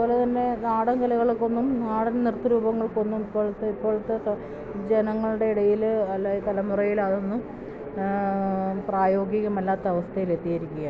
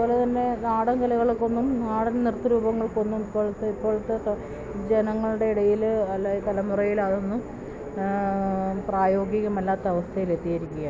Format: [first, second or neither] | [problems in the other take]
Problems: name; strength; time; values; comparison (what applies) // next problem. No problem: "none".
first | background sound (Insect / Frog); 20 dB below the speech